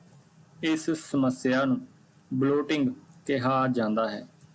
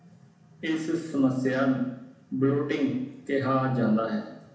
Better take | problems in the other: first | room echo; dies away in 0.8 s

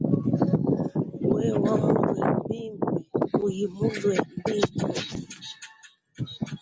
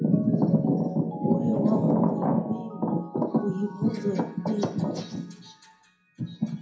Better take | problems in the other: first | background sound (Mallet percussion); 15 dB below the speech // room echo; dies away in 0.5 s

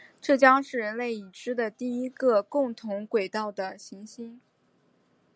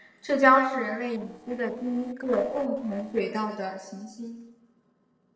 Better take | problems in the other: first | noise reduction (neural separator model SepFormer DNS4)

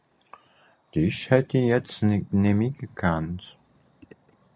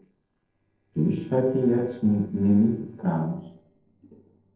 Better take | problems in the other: first | noise reduction (neural separator model SepFormer DNS4)

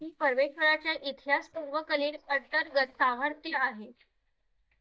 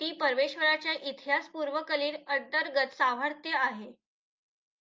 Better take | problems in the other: second | noise reduction (neural mask model DeepFilterNet 3)

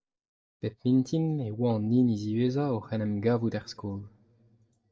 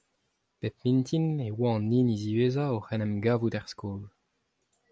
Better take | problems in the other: second | noise reduction (neural mask model DeepFilterNet 3)

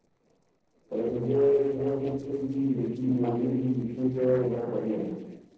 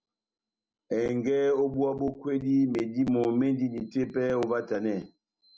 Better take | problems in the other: second | noise reduction (neural separator model SepFormer DNS4)

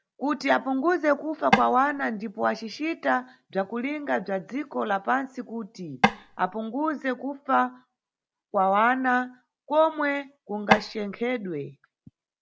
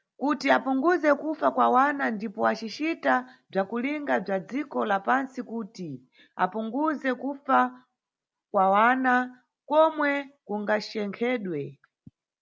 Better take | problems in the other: second | background sound (Tap / Wood); 1 dB above the speech

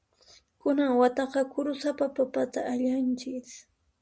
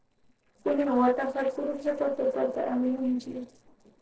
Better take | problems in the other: first | noise reduction (neural separator model SepFormer DNS4)

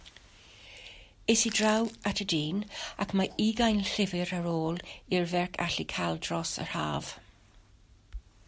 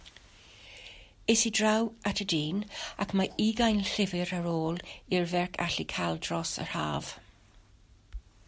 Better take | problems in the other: second | background sound (Crushing); 16 dB below the speech

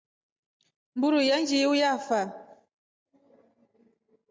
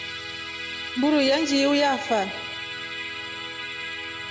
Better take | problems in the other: first | background sound (Musical instrument); 7 dB below the speech

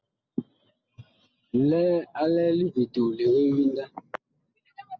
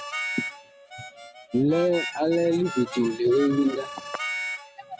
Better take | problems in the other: first | background sound (Harmonica); 9 dB below the speech

